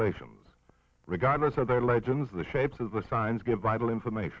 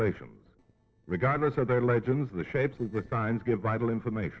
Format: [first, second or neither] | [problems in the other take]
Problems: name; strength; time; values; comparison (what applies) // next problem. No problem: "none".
first | noise reduction (neural separator model SepFormer DNS4)